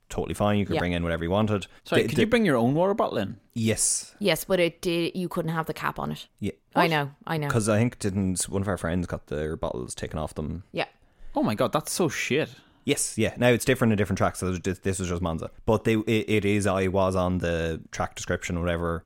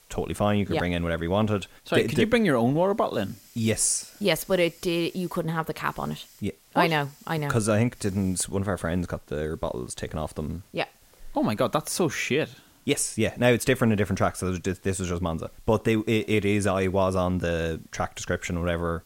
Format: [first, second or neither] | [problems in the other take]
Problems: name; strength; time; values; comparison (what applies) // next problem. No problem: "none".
first | hiss; faint; throughout; 30 dB below the speech